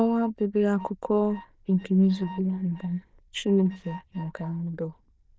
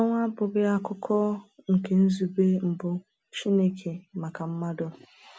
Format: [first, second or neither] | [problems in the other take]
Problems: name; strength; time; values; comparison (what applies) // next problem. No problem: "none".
second | noise reduction (neural diffusion model UNIVERSE++)